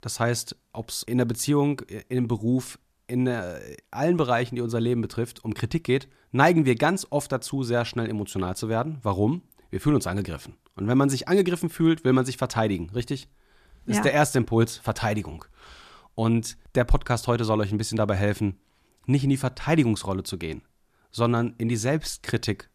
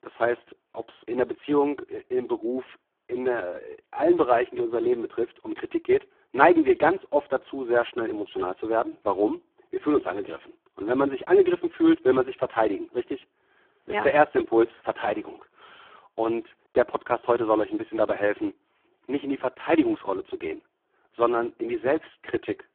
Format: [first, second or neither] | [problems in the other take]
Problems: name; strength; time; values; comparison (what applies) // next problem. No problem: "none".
first | phone-call audio; poor line